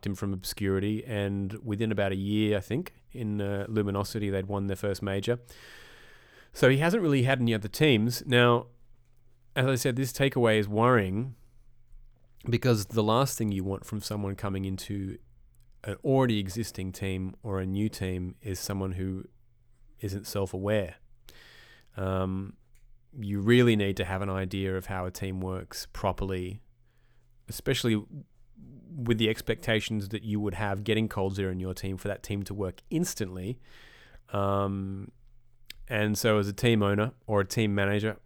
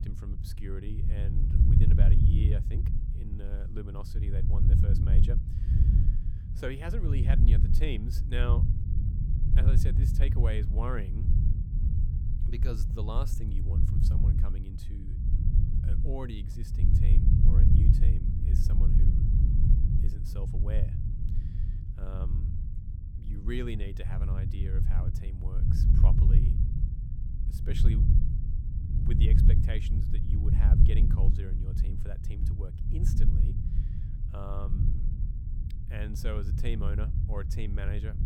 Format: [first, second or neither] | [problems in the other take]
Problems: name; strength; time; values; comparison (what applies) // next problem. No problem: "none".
first | low rumble; loud; throughout; as loud as the speech